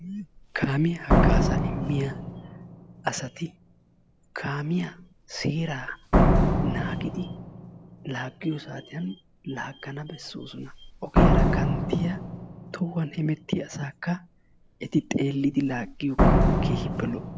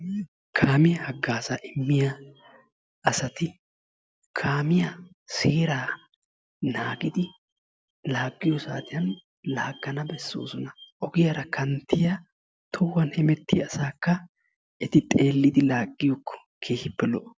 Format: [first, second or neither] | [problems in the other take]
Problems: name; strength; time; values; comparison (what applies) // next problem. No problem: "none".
second | background sound (Slam); 4 dB above the speech